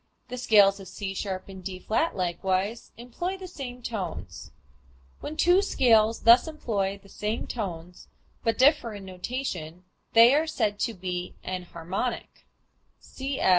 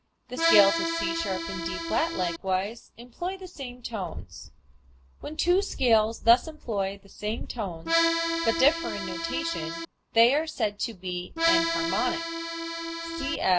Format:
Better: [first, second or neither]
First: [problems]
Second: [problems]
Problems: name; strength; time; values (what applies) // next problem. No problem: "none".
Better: first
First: none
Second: background sound (Accordion); as loud as the speech